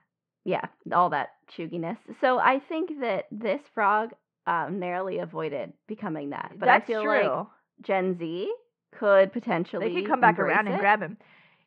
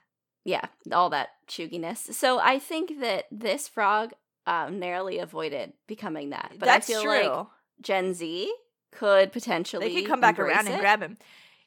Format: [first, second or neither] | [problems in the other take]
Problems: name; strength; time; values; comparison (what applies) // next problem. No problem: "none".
second | muffled; very; fading above 2 kHz